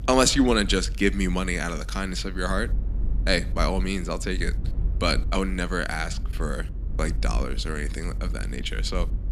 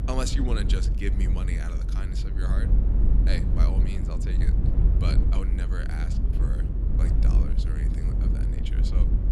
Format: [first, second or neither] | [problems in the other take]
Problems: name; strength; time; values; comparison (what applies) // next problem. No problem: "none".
first | low rumble; loud; throughout; 2 dB below the speech; faint in the first